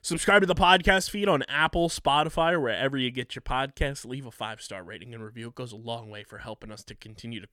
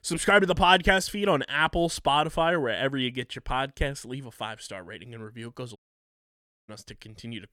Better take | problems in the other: first | audio cutting out; at 6 s for 1 s

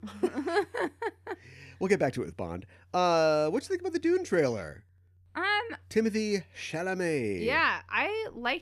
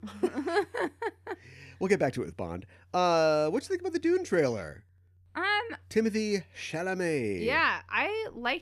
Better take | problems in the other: neither | none

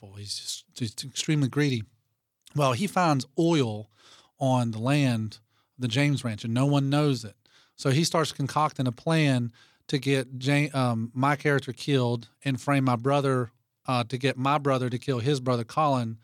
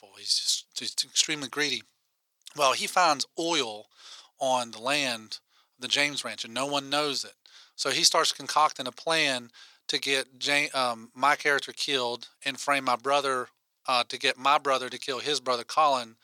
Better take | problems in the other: first | thin; very; fading below 650 Hz

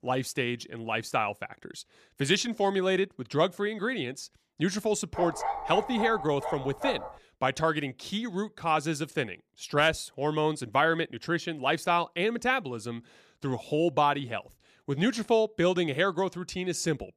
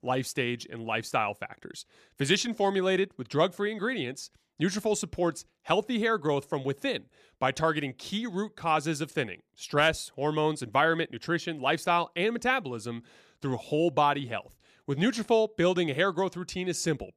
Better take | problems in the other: second | dog barking; noticeable; from 5 to 7 s; peak 3 dB below the speech

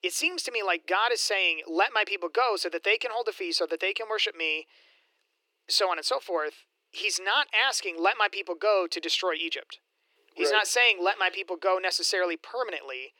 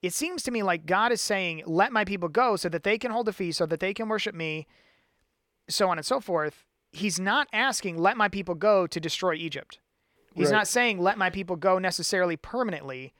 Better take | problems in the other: second | thin; very; fading below 300 Hz

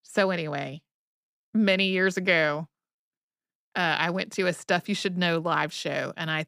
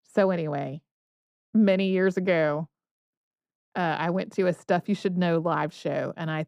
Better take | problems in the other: first | muffled; slightly; fading above 1.5 kHz

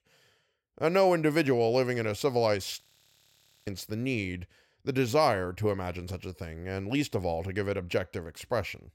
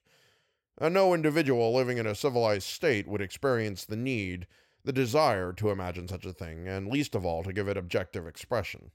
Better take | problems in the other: second | audio freezing; at 3 s for 1 s

